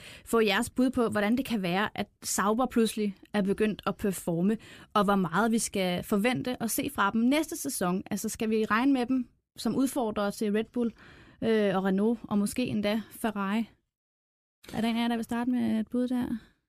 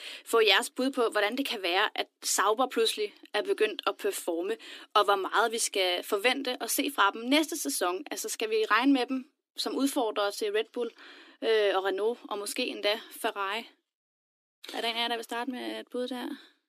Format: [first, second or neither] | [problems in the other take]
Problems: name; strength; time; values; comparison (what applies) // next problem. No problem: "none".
first | thin; somewhat; fading below 300 Hz